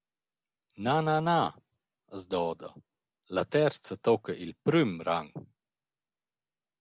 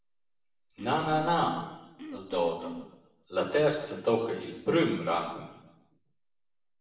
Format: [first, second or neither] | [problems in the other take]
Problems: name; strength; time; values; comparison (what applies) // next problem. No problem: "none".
first | background sound (Cough); 12 dB below the speech // room echo; dies away in 0.9 s